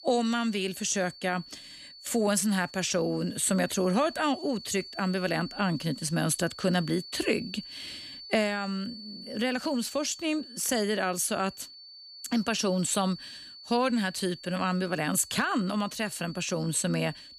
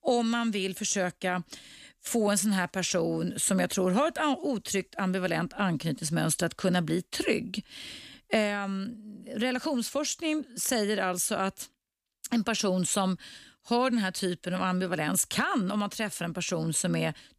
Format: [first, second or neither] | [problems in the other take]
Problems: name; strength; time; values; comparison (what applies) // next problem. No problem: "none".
second | high-pitched whine; noticeable; throughout; 4.5 kHz, 15 dB below the speech